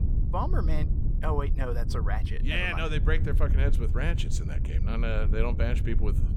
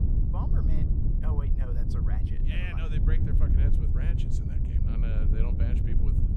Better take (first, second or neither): first